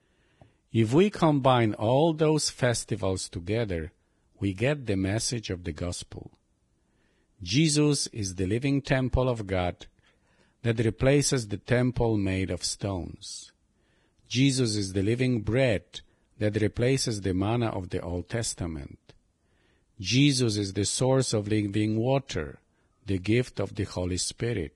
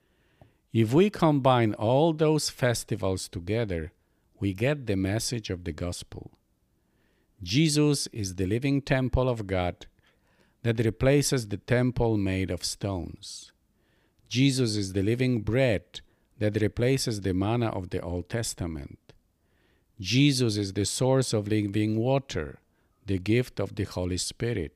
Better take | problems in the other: second | garbled, watery; badly; nothing above 10.5 kHz

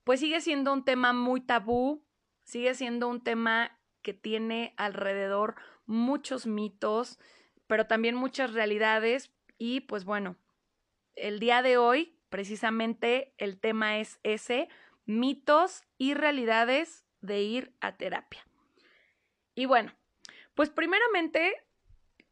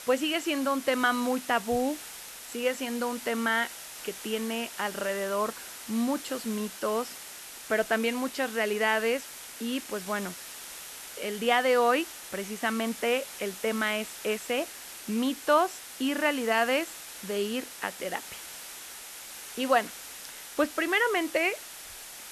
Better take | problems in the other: first | hiss; noticeable; throughout; 10 dB below the speech

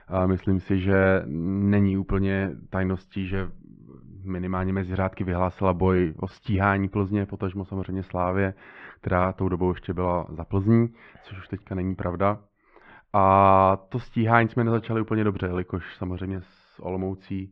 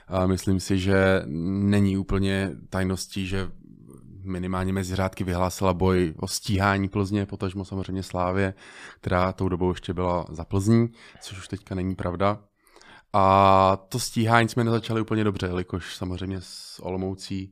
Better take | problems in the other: second | muffled; very; fading above 2.5 kHz

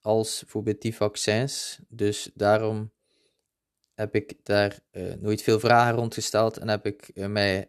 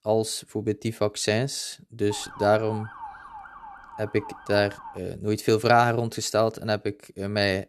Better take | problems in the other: first | siren; faint; from 2 to 5 s; peak 10 dB below the speech

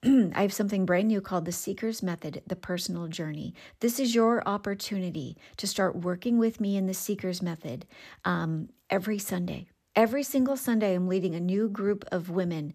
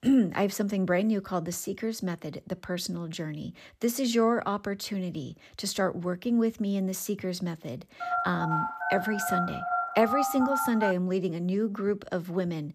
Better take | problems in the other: first | phone ringing; loud; from 8 to 11 s; peak 1 dB above the speech

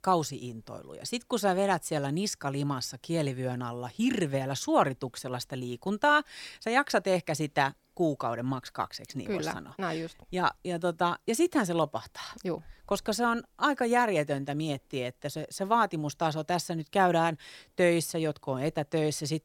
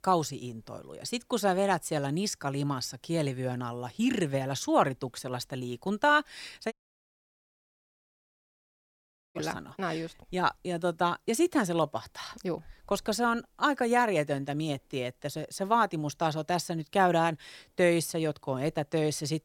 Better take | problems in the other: first | audio cutting out; at 6.5 s for 2.5 s

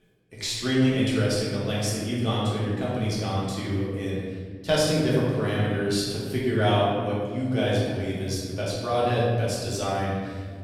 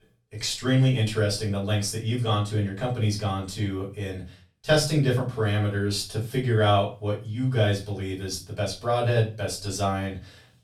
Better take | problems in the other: second | room echo; strong; dies away in 2 s; slight in the second // off-mic speech; far; far in the second

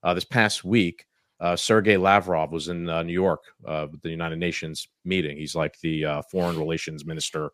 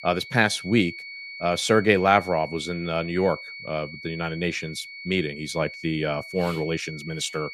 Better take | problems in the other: first | high-pitched whine; noticeable; throughout; 2 kHz, 10 dB below the speech

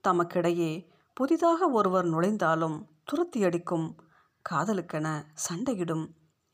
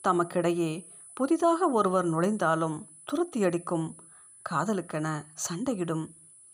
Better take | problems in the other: first | high-pitched whine; noticeable; throughout; 10 kHz, 20 dB below the speech

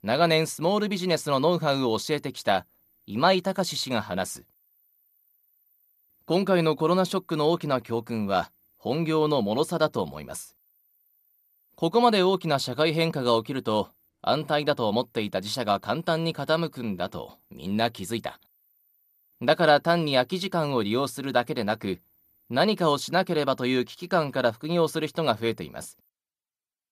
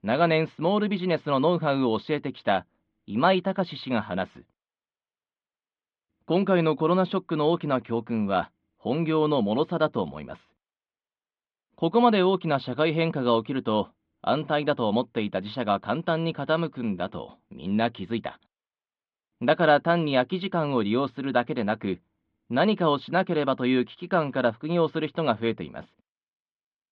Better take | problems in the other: first | muffled; slightly; fading above 3.5 kHz

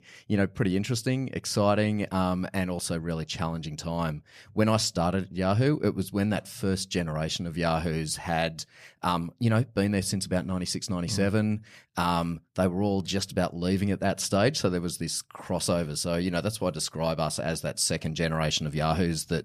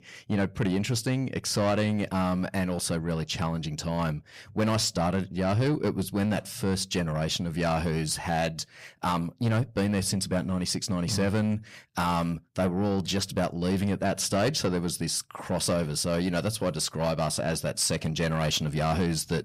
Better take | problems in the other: first | distortion; slight; 10 dB below the speech

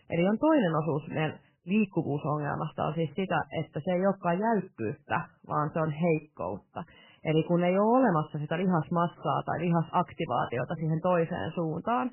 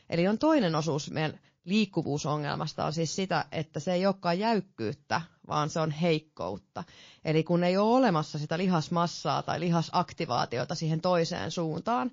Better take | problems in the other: second | garbled, watery; badly; nothing above 3 kHz; slightly in the second

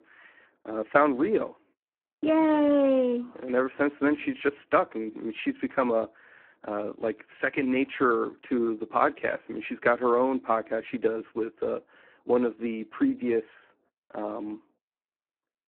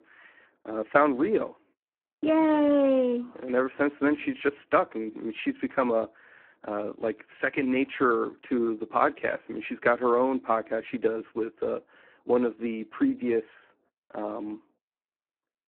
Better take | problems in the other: neither | phone-call audio; poor line; the same in both

